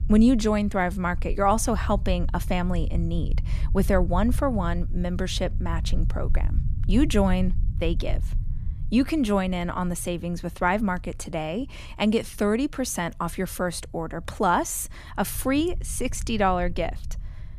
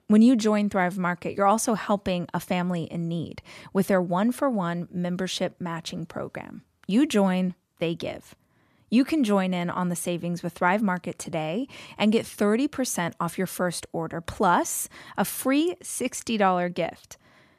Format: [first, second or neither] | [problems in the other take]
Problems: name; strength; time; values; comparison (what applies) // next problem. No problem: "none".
second | low rumble; faint; throughout; 20 dB below the speech